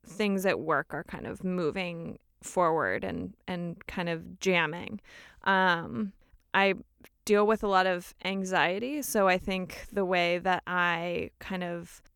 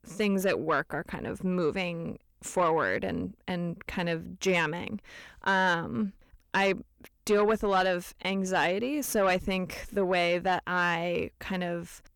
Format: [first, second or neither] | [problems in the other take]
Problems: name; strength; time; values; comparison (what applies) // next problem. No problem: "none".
first | distortion; slight; 10 dB below the speech